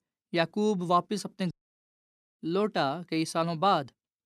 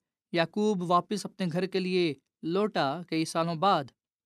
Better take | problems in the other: second | audio cutting out; at 1.5 s for 1 s

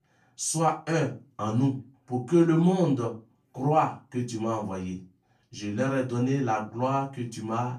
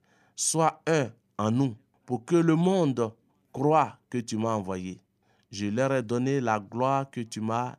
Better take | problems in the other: second | off-mic speech; far // room echo; very slight; dies away in 0.2 s

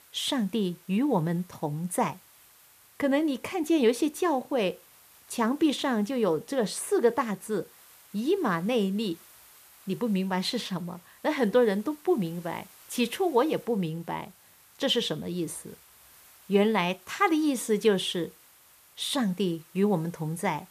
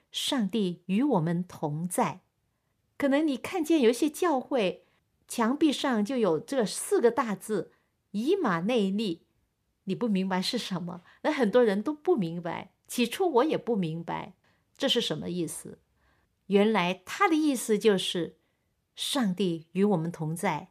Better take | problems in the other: second | hiss; faint; throughout; 25 dB below the speech

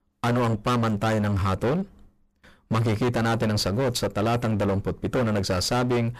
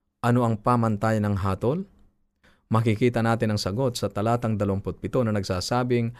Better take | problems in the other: second | distortion; heavy; 25% of the sound clipped

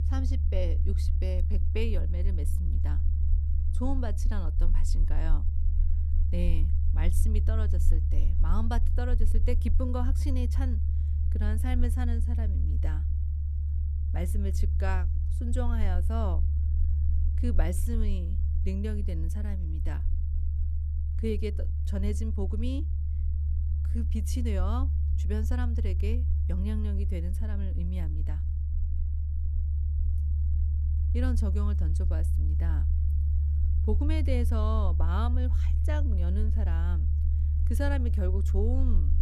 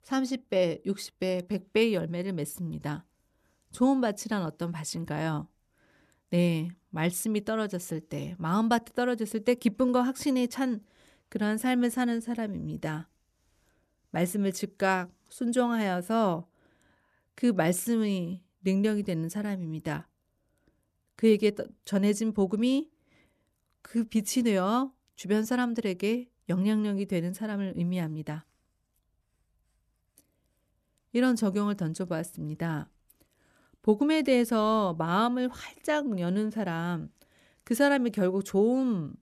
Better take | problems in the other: second | low rumble; loud; throughout; 6 dB below the speech

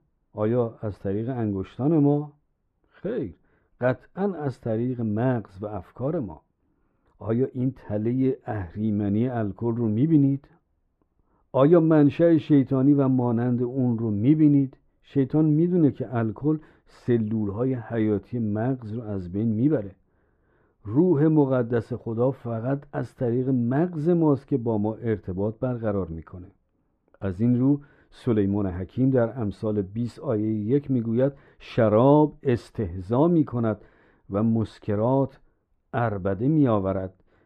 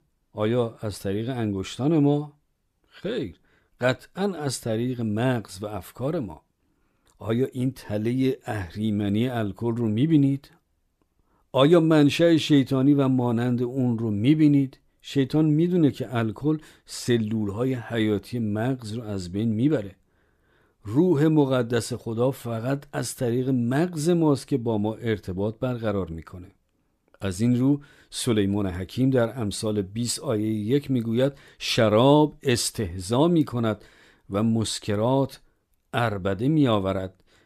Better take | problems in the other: second | muffled; very; fading above 3 kHz

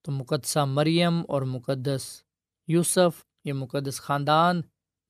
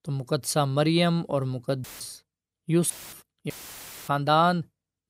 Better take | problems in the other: first | audio cutting out; filled with static; at 2 s, at 3 s and at 3.5 s for 0.5 s

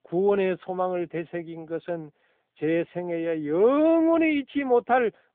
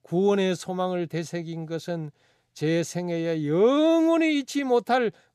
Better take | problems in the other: second | phone-call audio

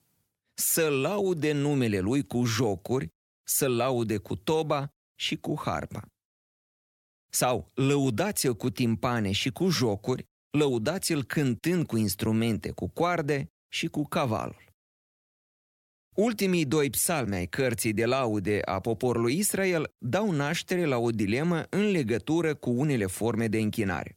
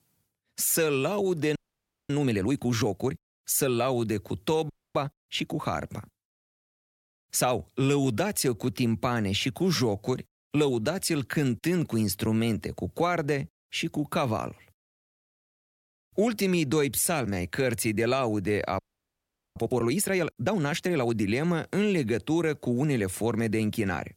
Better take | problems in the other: first | audio freezing; at 1.5 s for 0.5 s, at 4.5 s and at 19 s for 1 s

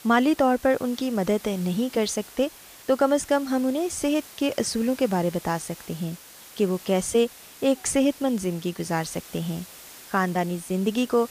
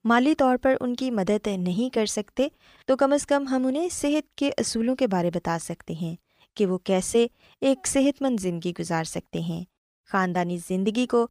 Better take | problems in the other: second | hiss; noticeable; throughout; 20 dB below the speech

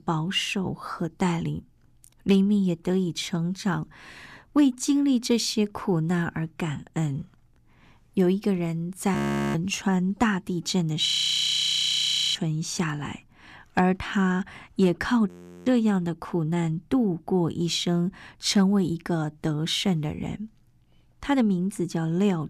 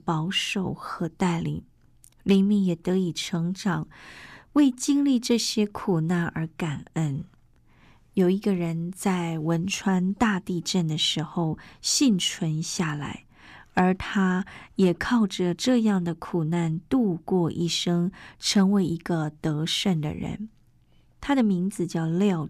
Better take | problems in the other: second | audio freezing; at 9 s, at 11 s for 1.5 s and at 15 s

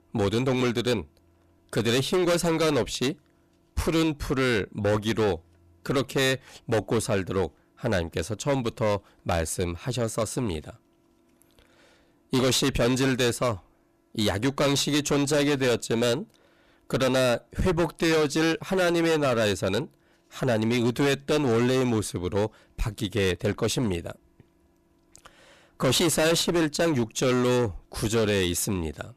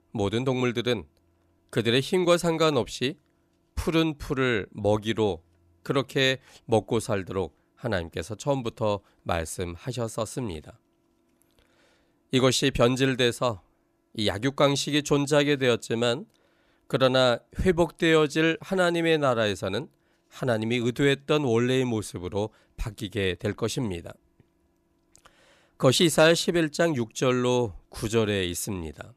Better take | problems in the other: second | distortion; heavy; 16% of the sound clipped

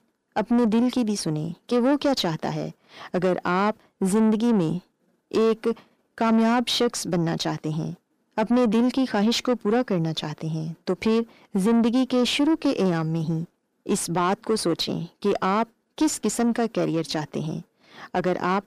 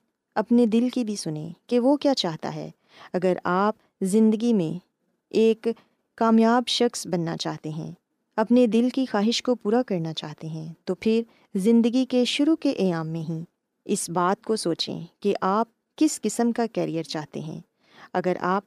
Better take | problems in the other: second | distortion; slight; 10 dB below the speech

